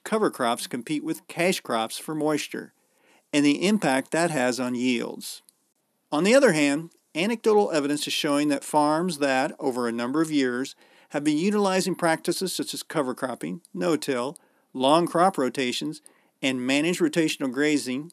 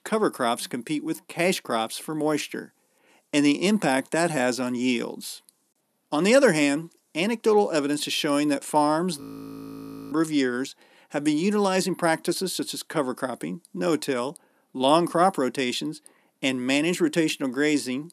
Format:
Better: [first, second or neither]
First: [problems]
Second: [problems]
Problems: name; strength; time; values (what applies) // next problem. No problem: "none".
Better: first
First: none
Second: audio freezing; at 9 s for 1 s